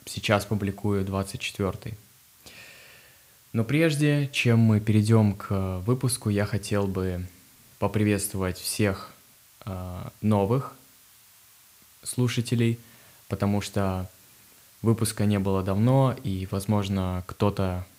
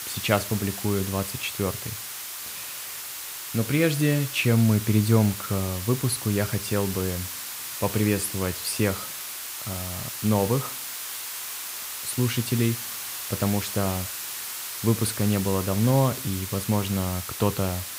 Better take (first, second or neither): first